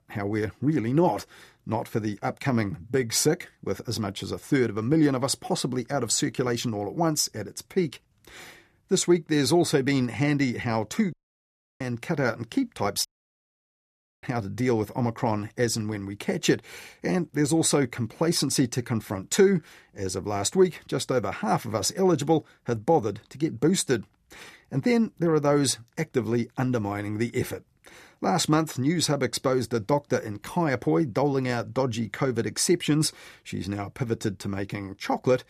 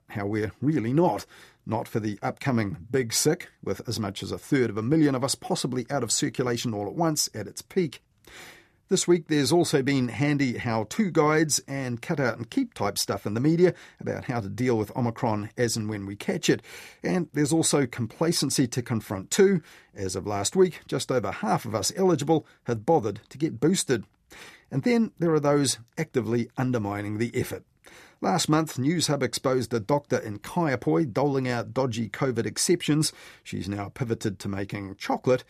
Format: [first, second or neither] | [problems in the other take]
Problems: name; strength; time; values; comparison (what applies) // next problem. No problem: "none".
second | audio cutting out; at 11 s for 0.5 s and at 13 s for 1 s